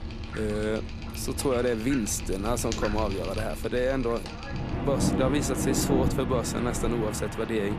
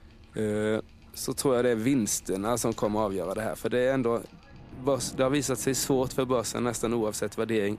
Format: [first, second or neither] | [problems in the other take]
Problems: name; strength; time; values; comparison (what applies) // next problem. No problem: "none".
second | rain or running water; loud; throughout; 3 dB below the speech; faint in the second